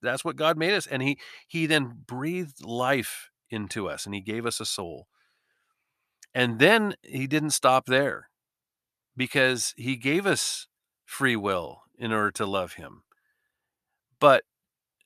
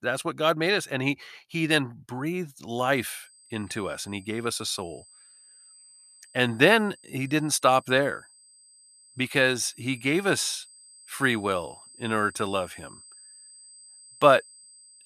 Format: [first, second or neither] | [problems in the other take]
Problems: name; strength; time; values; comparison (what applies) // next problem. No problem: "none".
first | high-pitched whine; faint; from 3 s on; 8 kHz, 25 dB below the speech